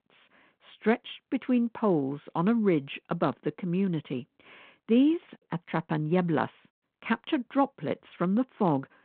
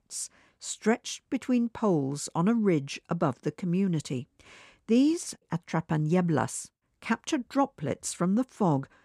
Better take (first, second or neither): second